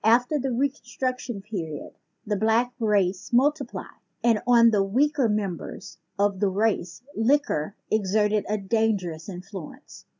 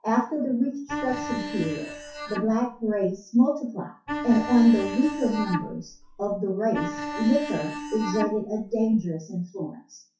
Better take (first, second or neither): first